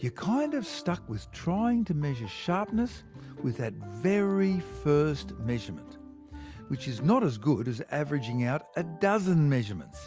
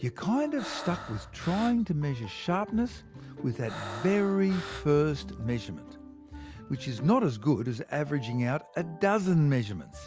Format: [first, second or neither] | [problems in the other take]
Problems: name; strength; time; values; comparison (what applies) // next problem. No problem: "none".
first | background sound (Breathing); 14 dB below the speech